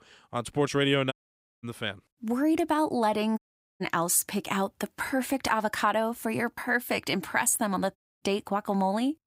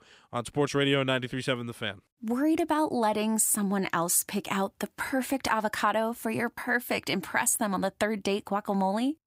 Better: second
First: audio cutting out; at 1 s for 0.5 s, at 3.5 s and at 8 s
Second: none

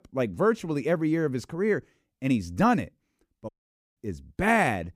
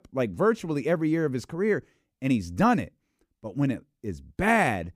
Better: second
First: audio cutting out; at 3.5 s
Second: none

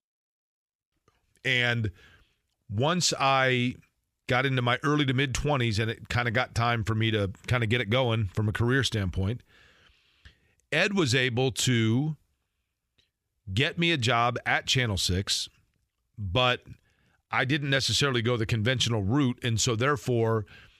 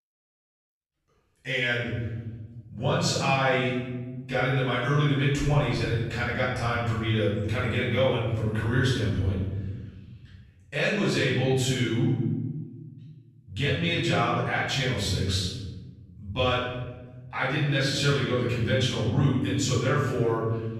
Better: first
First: none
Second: off-mic speech; far // room echo; strong; dies away in 1.5 s

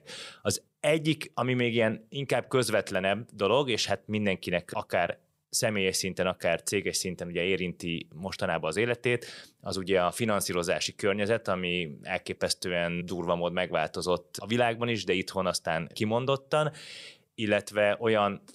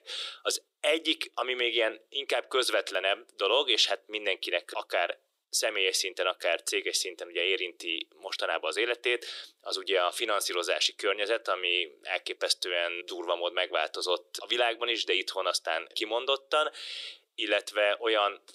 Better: first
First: none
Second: thin; very; fading below 350 Hz

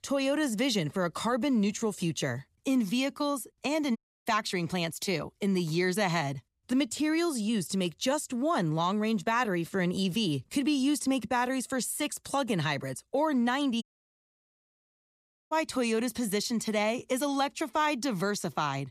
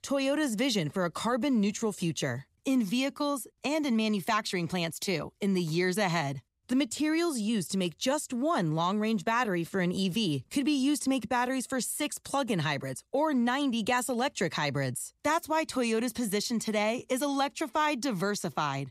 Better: second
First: audio cutting out; at 4 s and at 14 s for 1.5 s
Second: none

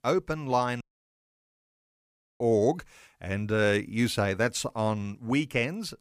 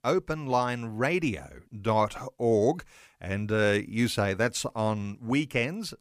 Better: second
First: audio cutting out; at 1 s for 1.5 s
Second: none

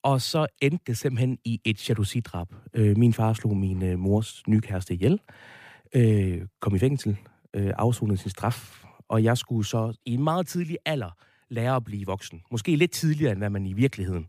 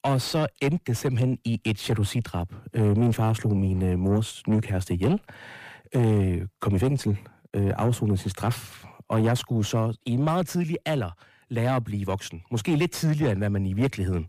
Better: first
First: none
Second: distortion; slight; 10 dB below the speech

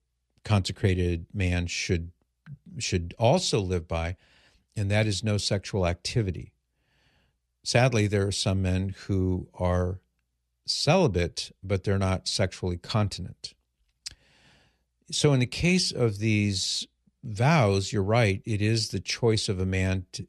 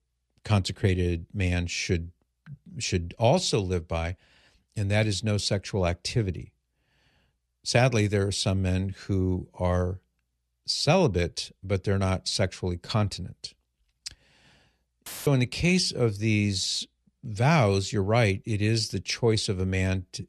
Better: first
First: none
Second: audio cutting out; filled with static; at 15 s

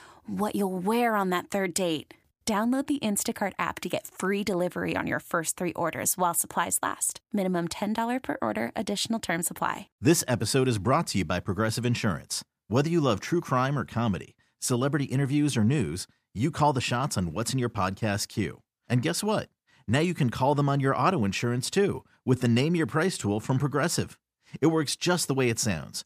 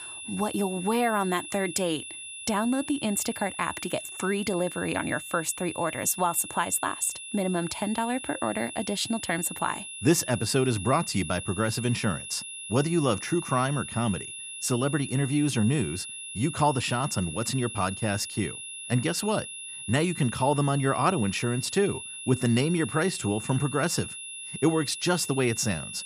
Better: first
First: none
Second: high-pitched whine; loud; throughout; 2.5 kHz, 9 dB below the speech

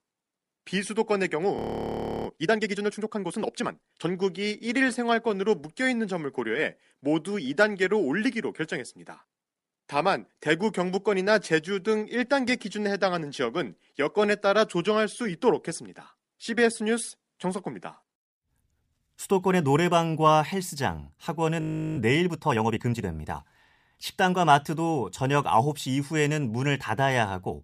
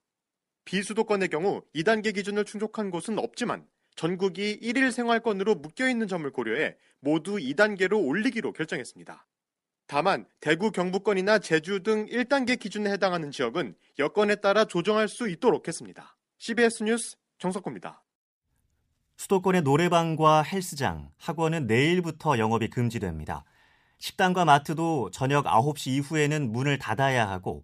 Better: second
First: audio freezing; at 1.5 s for 0.5 s and at 22 s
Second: none

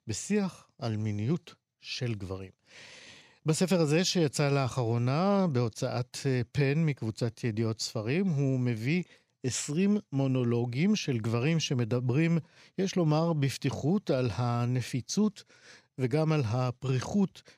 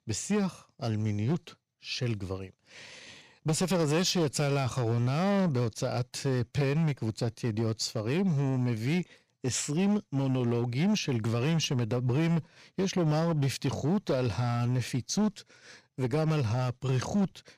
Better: first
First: none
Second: distortion; slight; 9% of the sound clipped

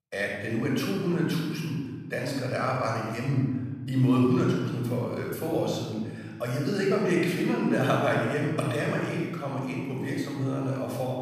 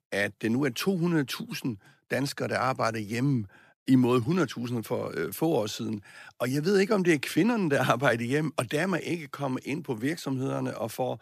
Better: second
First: room echo; noticeable; dies away in 1.5 s // off-mic speech; somewhat distant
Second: none

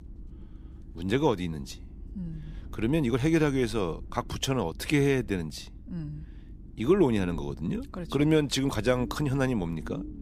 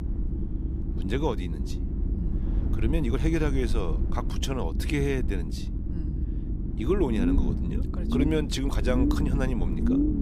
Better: first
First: low rumble; faint; throughout; 25 dB below the speech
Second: low rumble; loud; throughout; 5 dB below the speech

